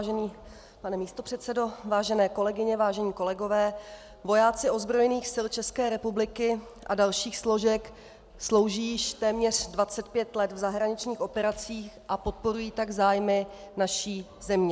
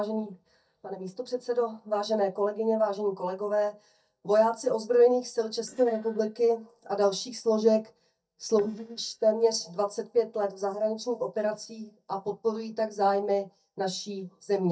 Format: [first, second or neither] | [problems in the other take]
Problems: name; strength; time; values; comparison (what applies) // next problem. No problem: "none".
first | noise reduction (neural mask model DeepFilterNet 3)